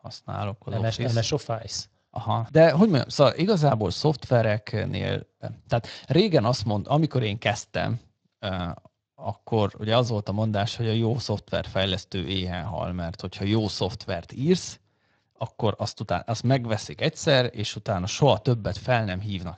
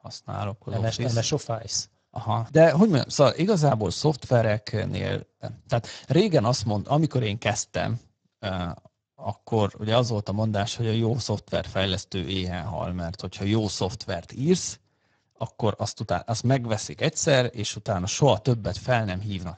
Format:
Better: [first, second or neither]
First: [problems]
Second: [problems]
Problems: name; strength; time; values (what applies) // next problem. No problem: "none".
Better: first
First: garbled, watery; slightly; nothing above 7.5 kHz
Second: garbled, watery; badly; nothing above 7.5 kHz